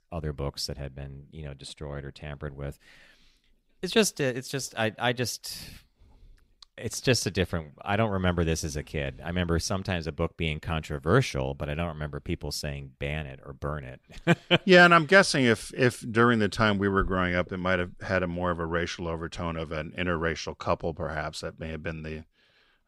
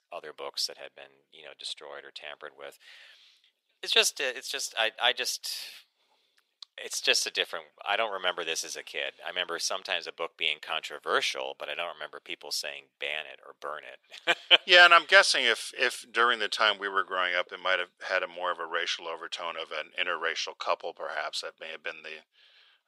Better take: first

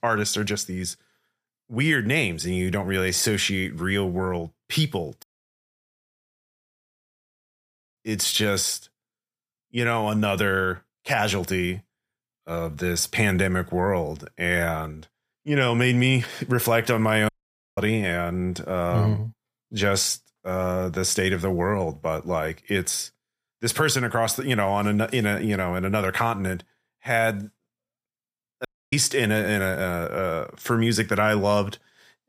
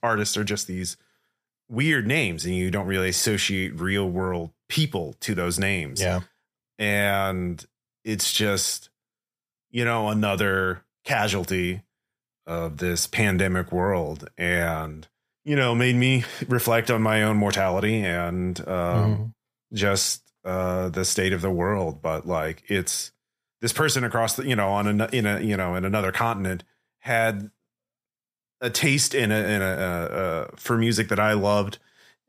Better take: second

